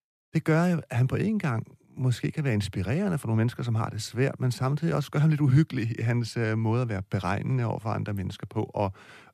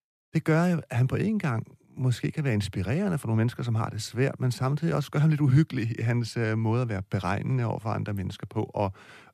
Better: neither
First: none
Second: none

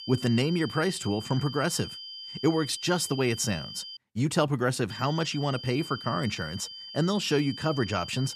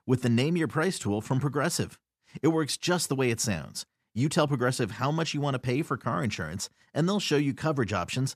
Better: second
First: high-pitched whine; noticeable; until 4 s and from 5 s on; 3 kHz, 10 dB below the speech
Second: none

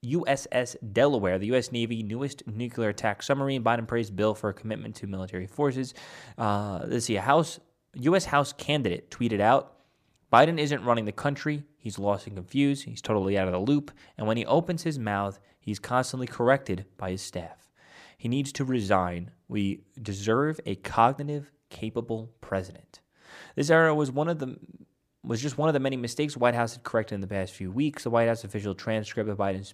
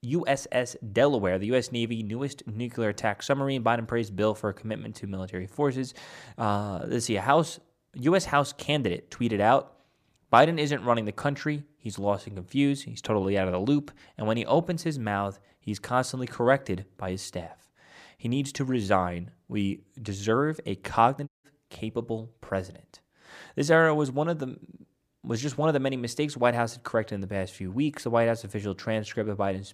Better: first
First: none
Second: audio cutting out; at 21 s

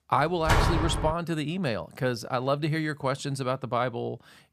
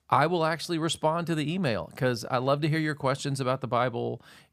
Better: second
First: door banging; loud; at 0.5 s; peak 5 dB above the speech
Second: none

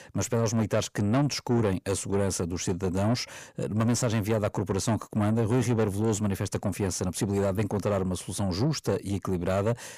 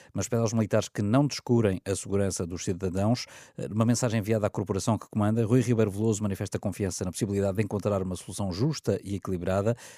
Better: second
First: distortion; slight; 10 dB below the speech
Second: none

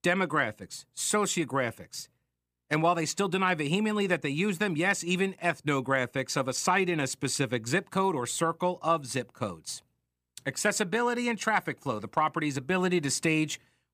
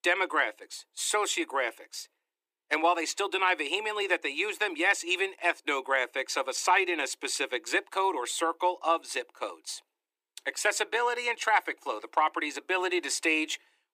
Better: first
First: none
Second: thin; very; fading below 300 Hz

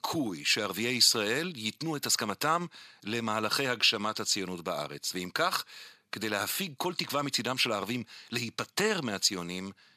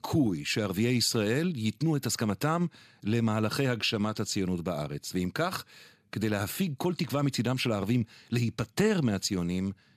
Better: second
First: thin; somewhat; fading below 750 Hz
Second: none

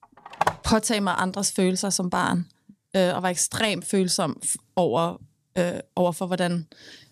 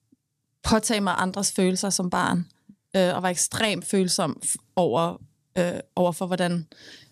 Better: second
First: phone ringing; noticeable; at 0.5 s; peak 2 dB below the speech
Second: none

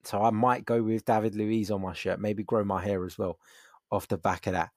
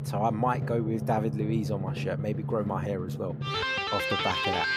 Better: first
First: none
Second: background music; very loud; throughout; as loud as the speech

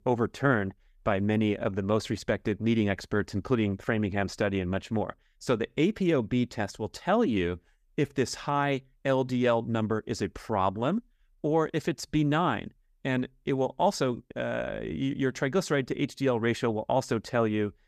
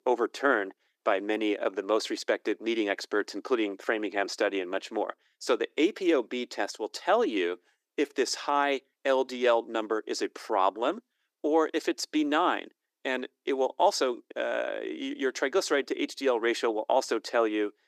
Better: first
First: none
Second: thin; somewhat; fading below 300 Hz

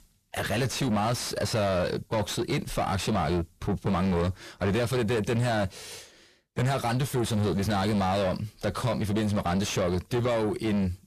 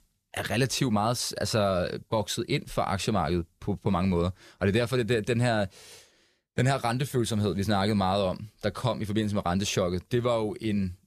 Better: second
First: distortion; heavy; 8 dB below the speech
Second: none

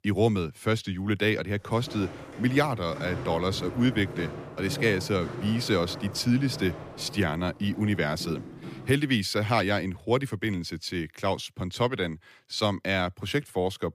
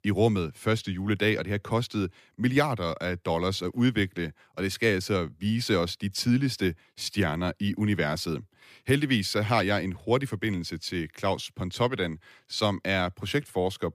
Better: second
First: footsteps; noticeable; from 1.5 to 9 s; peak 7 dB below the speech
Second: none

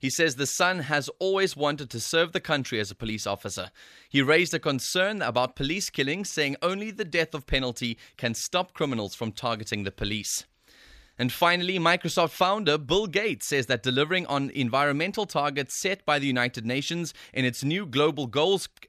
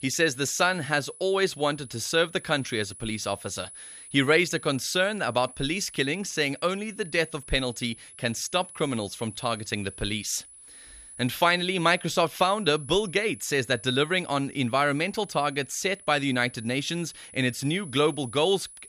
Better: first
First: none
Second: high-pitched whine; noticeable; throughout; 10 kHz, 15 dB below the speech

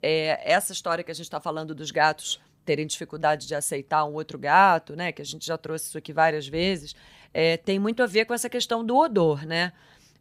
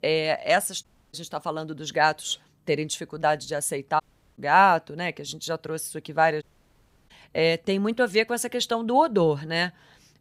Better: first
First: none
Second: audio cutting out; at 1 s, at 4 s and at 6.5 s for 0.5 s

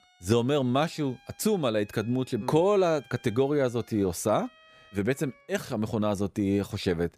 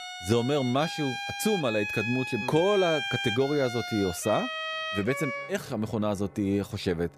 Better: first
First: background music; faint; throughout; 30 dB below the speech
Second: background music; loud; throughout; 5 dB below the speech

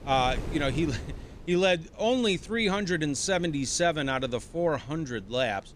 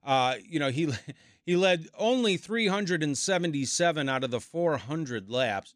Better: second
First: wind noise on the microphone; occasional gusts; 20 dB below the speech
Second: none

